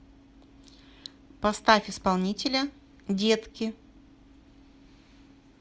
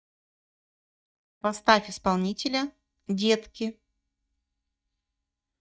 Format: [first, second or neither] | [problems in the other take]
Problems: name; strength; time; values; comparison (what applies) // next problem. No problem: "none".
first | noise reduction (neural mask model DeepFilterNet 3)